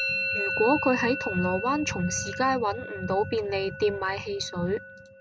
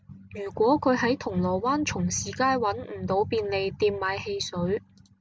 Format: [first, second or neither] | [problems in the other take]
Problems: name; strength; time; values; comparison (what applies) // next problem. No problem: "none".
second | background sound (Musical instrument); 7 dB below the speech